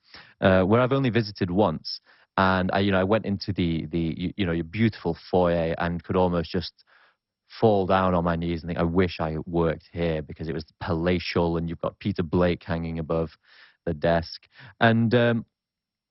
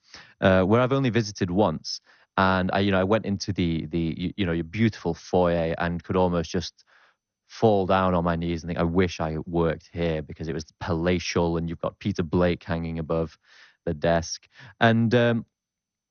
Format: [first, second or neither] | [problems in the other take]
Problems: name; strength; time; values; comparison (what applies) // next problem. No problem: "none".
second | garbled, watery; badly; nothing above 5.5 kHz; slightly in the second